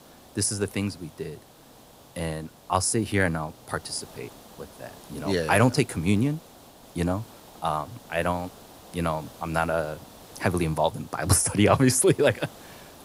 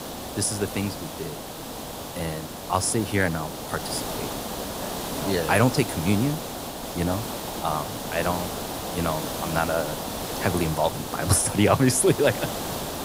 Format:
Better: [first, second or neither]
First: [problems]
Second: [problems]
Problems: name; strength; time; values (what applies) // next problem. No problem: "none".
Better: first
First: hiss; faint; throughout; 20 dB below the speech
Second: hiss; loud; throughout; 6 dB below the speech